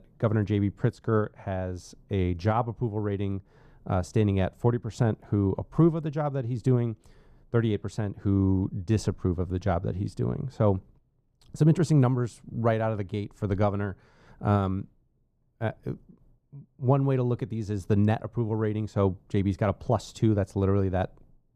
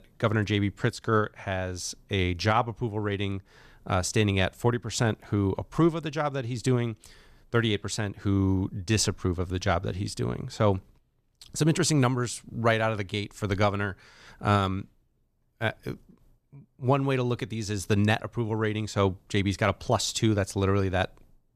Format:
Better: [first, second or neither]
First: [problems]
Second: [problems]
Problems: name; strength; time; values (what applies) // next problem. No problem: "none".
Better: second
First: muffled; slightly; fading above 1.5 kHz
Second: none